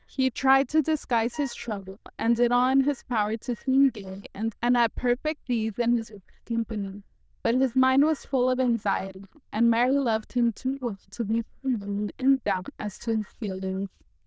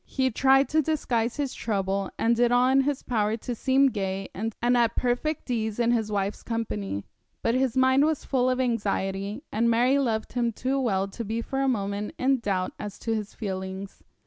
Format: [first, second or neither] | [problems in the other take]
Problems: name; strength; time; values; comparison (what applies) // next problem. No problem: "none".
second | noise reduction (neural diffusion model UNIVERSE++)